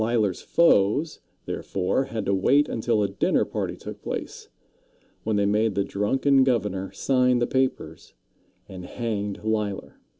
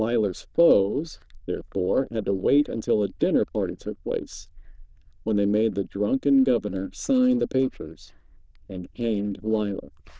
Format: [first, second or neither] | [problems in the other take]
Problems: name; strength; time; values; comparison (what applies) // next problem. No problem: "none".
first | noise reduction (neural diffusion model UNIVERSE++)